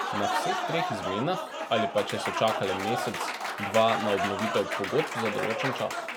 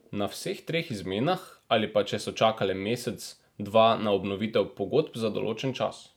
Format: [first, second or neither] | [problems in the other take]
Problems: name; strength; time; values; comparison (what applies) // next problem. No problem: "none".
second | background sound (Applause); 1 dB below the speech